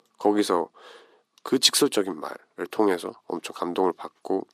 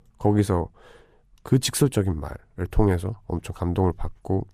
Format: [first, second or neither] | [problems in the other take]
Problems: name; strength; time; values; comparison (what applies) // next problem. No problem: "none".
second | thin; somewhat; fading below 300 Hz